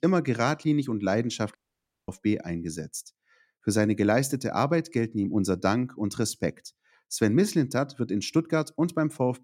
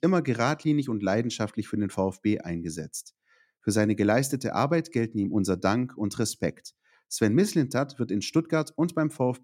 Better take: second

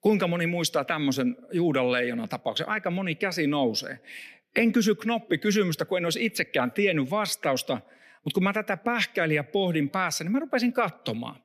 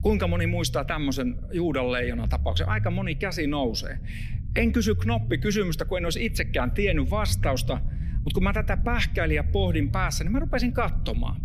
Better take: first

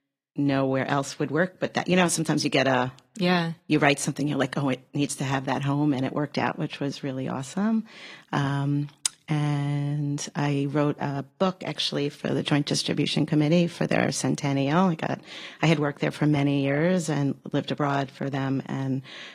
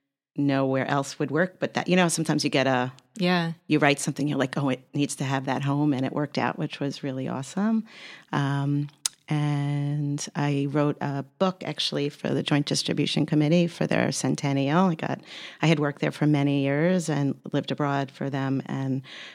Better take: second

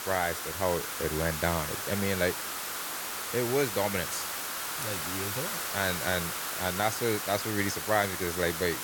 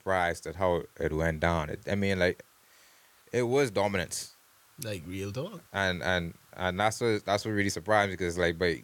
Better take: second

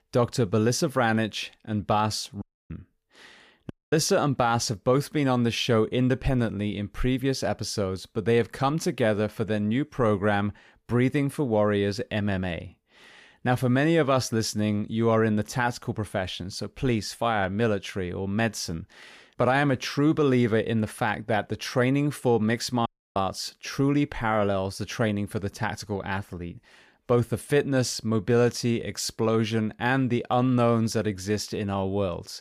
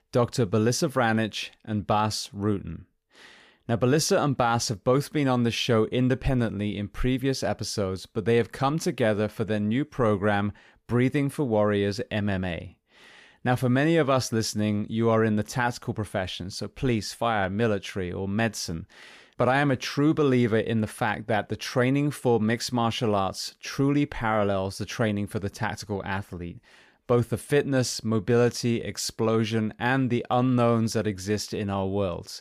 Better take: second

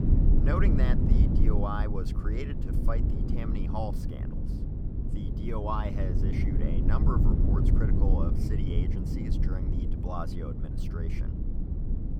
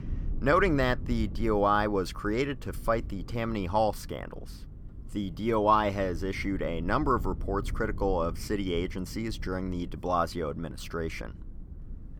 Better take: second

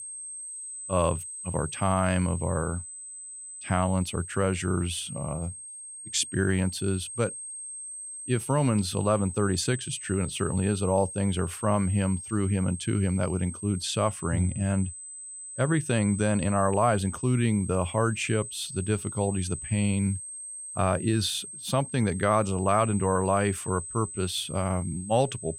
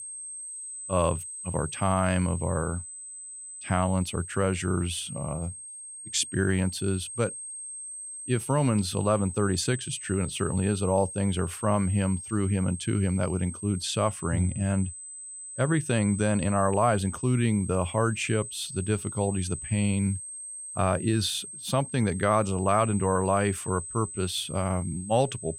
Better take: neither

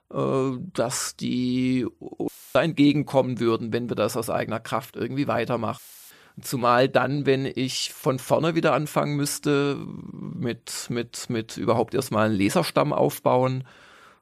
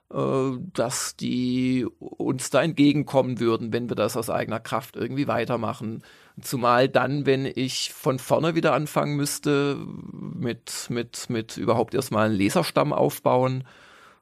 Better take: second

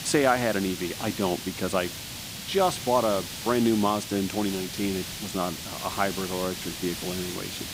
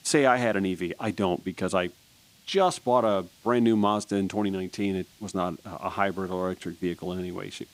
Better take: second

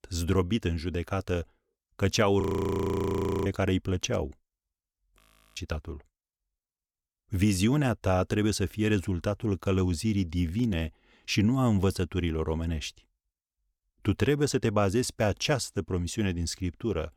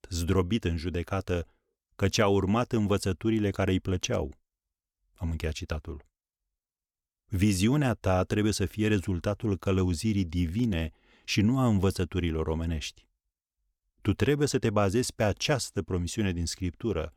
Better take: second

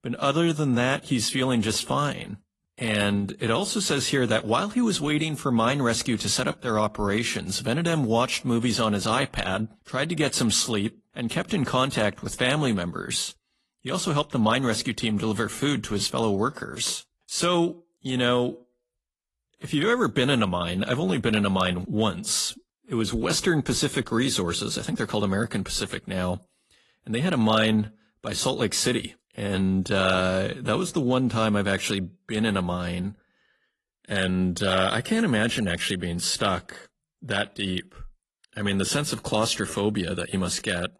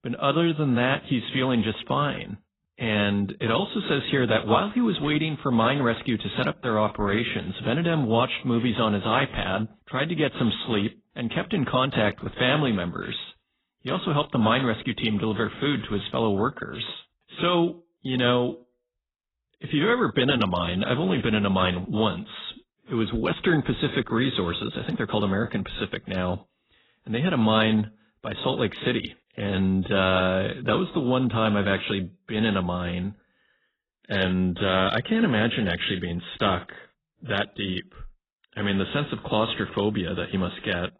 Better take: first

